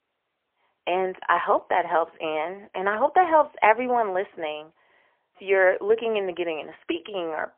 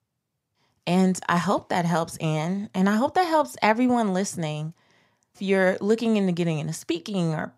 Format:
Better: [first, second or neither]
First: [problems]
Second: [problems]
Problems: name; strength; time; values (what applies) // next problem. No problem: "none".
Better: second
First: phone-call audio; poor line; nothing above 3 kHz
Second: none